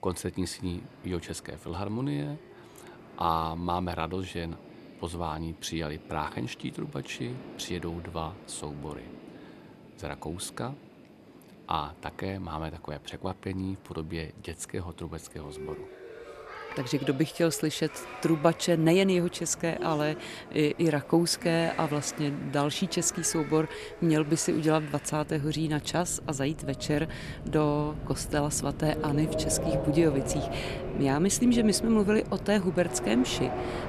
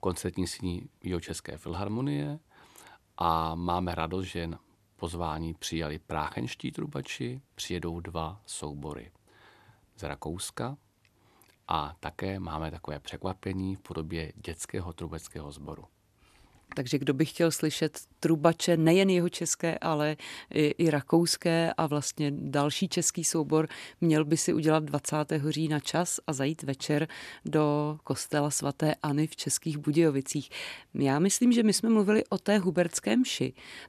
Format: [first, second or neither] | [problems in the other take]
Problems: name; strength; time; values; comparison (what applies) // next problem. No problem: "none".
second | train or aircraft noise; loud; throughout; 10 dB below the speech